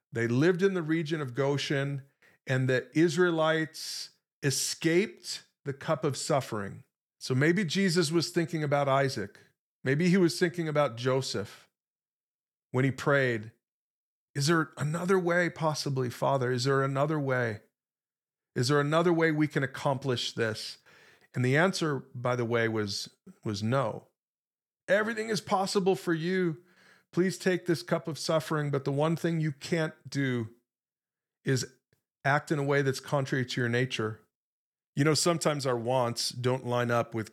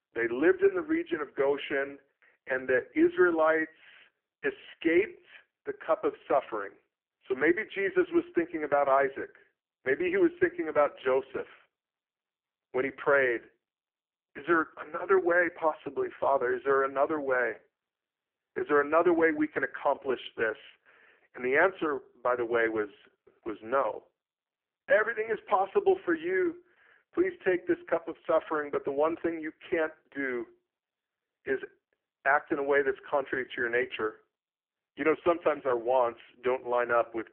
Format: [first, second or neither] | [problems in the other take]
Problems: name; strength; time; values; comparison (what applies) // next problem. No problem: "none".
first | phone-call audio; poor line